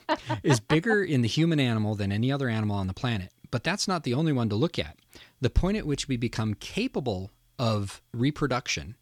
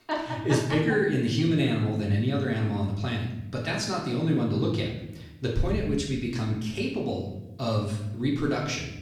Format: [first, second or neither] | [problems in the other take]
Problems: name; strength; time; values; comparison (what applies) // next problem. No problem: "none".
first | room echo; noticeable; dies away in 0.8 s // off-mic speech; far